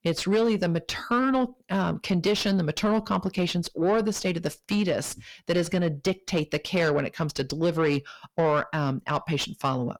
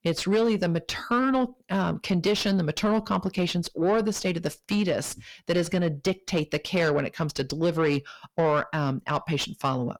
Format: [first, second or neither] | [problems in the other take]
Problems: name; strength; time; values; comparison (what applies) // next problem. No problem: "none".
neither | distortion; slight; 10 dB below the speech; the same in both